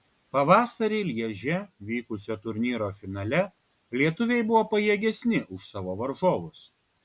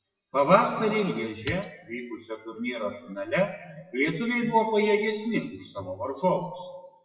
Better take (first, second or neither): first